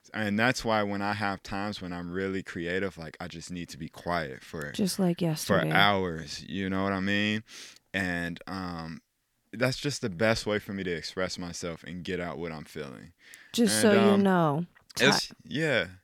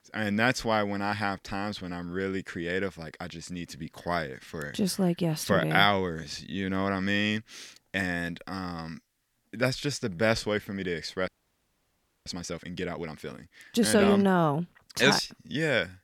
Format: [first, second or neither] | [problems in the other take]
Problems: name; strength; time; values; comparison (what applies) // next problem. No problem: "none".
first | audio freezing; at 11 s for 1 s